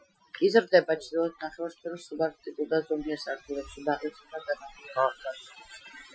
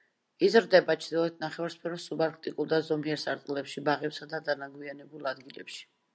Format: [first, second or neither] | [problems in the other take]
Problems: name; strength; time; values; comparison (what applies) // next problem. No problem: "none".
second | noise reduction (classical method Wiener filter)